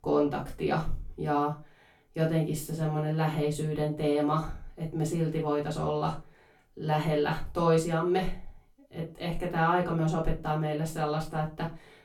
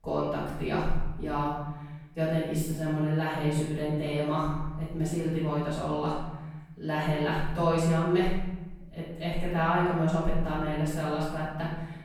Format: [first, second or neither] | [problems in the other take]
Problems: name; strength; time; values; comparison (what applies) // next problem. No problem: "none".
first | room echo; strong; dies away in 1.1 s; slight in the first // off-mic speech; far; far in the first